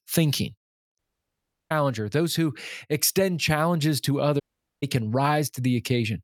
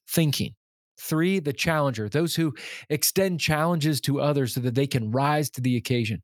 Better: second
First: audio cutting out; at 1 s for 0.5 s and at 4.5 s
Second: none

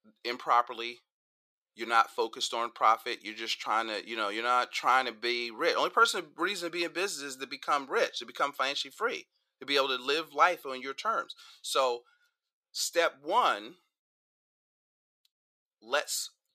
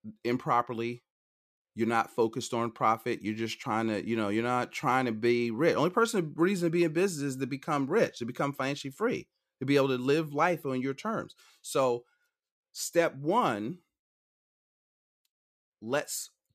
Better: second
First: thin; very; fading below 650 Hz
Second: none

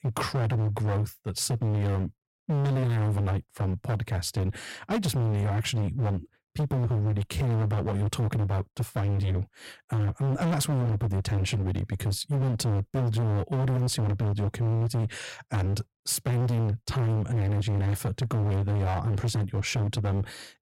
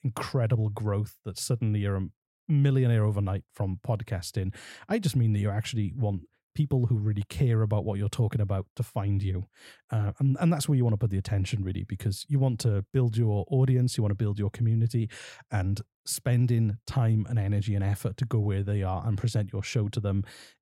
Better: second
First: distortion; heavy; 33% of the sound clipped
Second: none

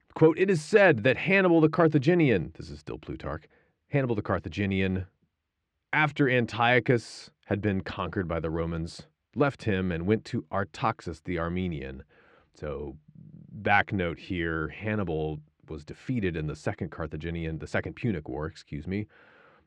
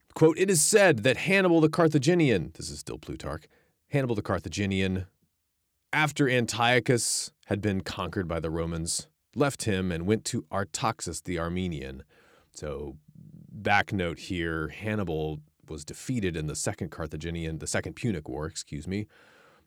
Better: second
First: muffled; very; fading above 2.5 kHz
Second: none

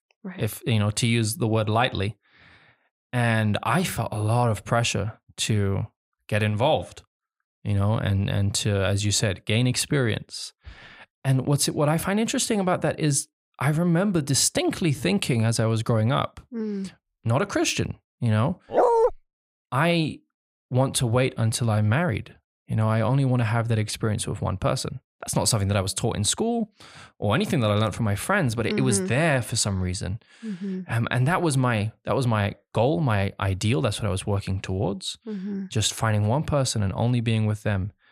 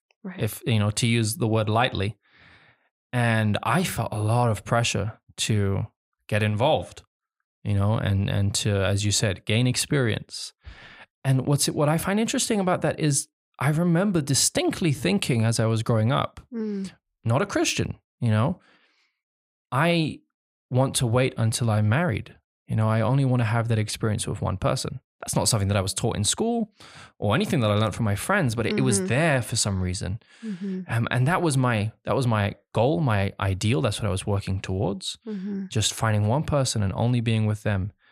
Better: second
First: dog barking; loud; at 19 s; peak 5 dB above the speech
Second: none

